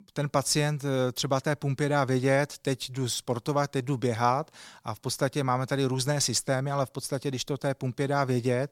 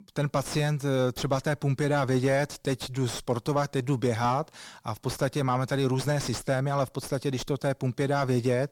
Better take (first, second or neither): first